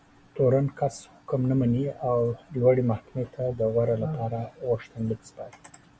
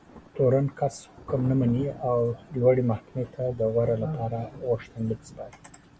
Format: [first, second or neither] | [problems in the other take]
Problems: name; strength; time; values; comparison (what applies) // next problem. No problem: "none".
first | background sound (Thunder); 18 dB below the speech